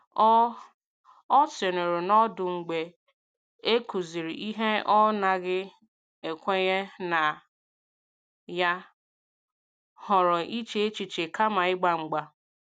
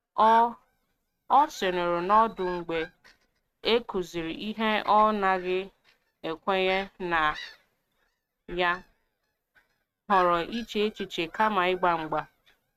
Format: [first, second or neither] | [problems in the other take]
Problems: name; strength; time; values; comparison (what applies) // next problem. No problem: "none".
first | noise reduction (neural mask model RNNoise)